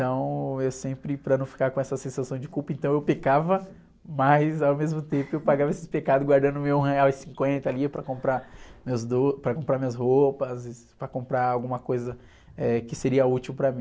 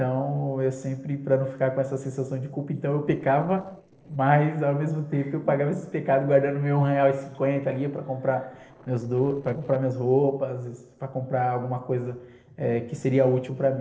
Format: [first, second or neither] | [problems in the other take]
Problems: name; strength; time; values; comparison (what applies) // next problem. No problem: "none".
first | noise reduction (neural separator model SepFormer DNS4)